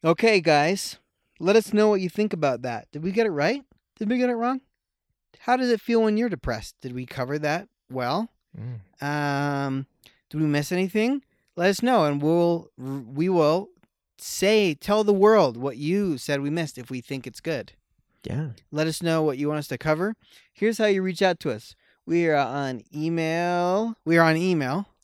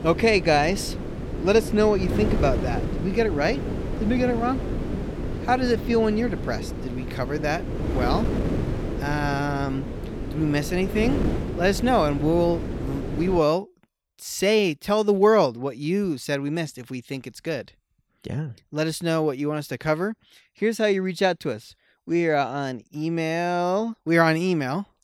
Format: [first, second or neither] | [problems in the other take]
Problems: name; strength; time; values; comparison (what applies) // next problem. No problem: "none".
first | wind noise on the microphone; heavy; until 13 s; 10 dB below the speech